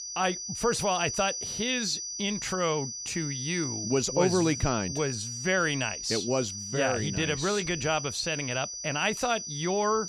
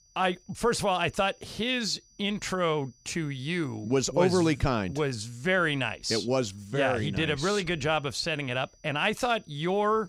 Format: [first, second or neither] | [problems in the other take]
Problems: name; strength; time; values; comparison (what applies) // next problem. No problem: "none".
second | high-pitched whine; loud; throughout; 6 kHz, 5 dB below the speech; faint in the second